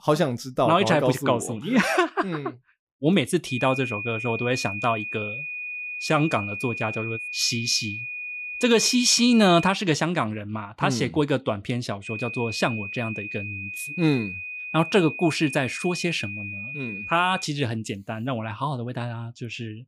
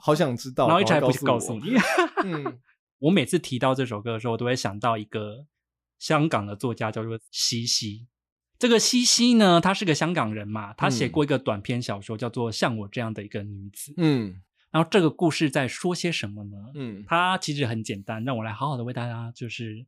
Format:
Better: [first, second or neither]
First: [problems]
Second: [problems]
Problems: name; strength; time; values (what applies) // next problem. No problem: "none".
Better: second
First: high-pitched whine; loud; from 3.5 to 9.5 s and from 12 to 17 s; 2.5 kHz, 7 dB below the speech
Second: none